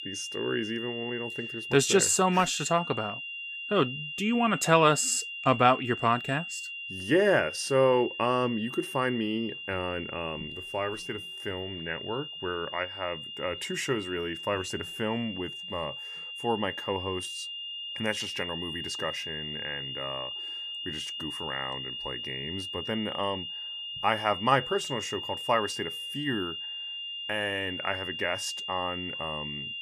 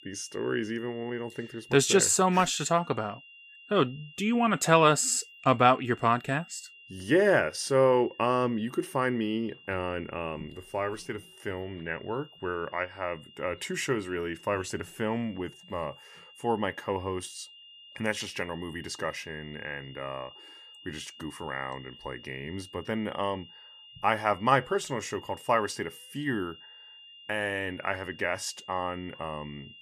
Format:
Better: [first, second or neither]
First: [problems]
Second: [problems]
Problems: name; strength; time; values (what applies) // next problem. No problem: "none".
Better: second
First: high-pitched whine; loud; throughout; 3 kHz, 6 dB below the speech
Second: high-pitched whine; faint; throughout; 3 kHz, 20 dB below the speech